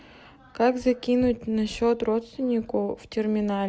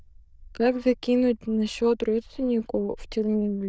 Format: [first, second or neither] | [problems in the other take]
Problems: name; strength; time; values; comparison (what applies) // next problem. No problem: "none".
first | noise reduction (neural diffusion model UNIVERSE++)